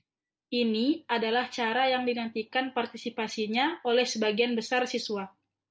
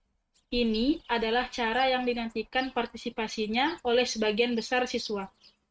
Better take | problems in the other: first | noise reduction (neural mask model RNNoise)

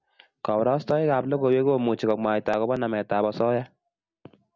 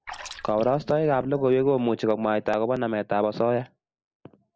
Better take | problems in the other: first | noise reduction (neural mask model Resemble Enhance denoiser)

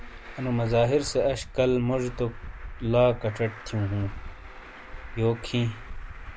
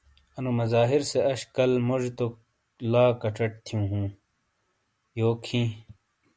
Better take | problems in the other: second | background sound (Traffic noise, roadway noise); 12 dB below the speech

